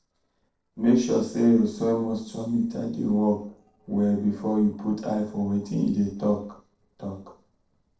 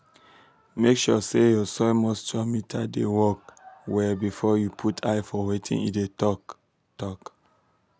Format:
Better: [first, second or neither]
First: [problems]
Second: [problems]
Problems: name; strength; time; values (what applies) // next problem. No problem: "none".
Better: second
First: noise reduction (neural separator model SepFormer DNS4)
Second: none